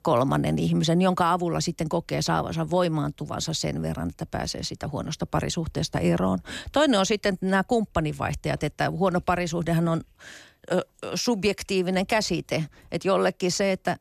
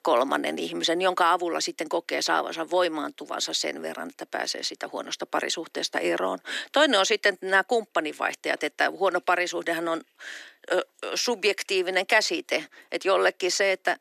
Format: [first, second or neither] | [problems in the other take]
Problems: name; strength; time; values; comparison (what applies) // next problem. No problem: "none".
first | thin; very; fading below 300 Hz